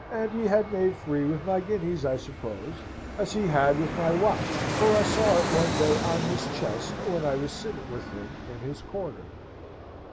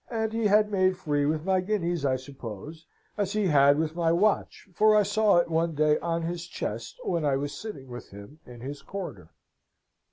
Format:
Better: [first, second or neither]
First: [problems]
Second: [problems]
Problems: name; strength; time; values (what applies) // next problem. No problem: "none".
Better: second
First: background sound (Fixed-wing aircraft, airplane); 4 dB below the speech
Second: none